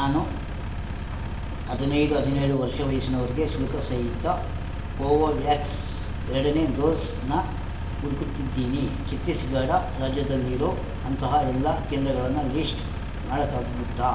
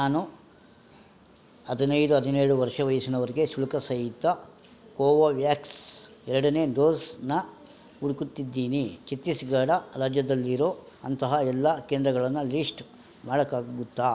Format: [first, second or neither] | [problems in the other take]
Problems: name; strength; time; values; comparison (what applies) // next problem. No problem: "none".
second | background sound (Engine); 3 dB below the speech // room echo; dies away in 0.8 s